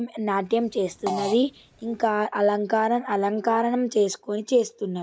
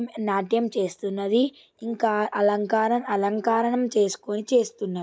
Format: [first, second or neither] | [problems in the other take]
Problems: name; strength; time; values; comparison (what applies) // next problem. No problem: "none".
second | background sound (Fart); 12 dB below the speech